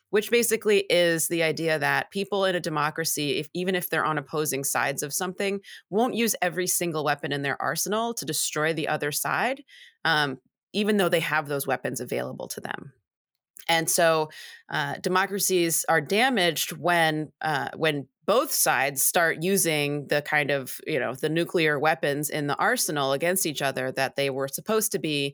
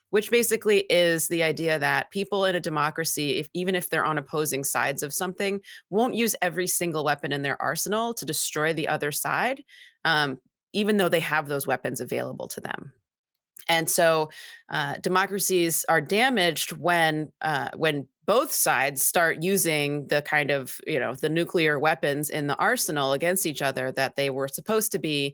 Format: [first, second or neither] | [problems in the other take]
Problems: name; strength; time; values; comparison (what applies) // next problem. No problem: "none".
first | garbled, watery; slightly; nothing above 19 kHz